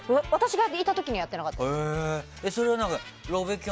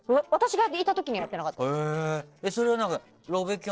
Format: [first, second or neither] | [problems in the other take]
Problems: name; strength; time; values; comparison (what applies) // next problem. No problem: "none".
first | noise reduction (neural separator model SepFormer DNS4)